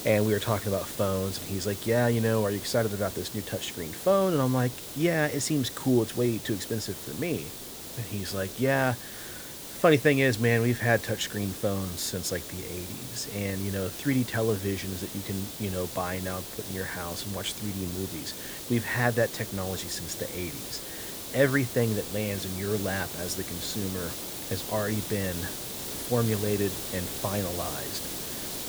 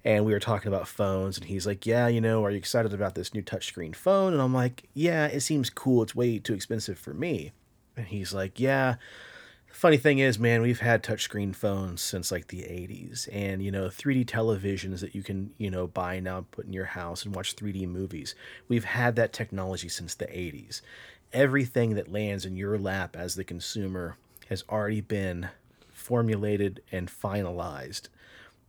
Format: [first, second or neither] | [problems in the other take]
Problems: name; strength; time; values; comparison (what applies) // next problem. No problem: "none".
second | hiss; loud; throughout; 7 dB below the speech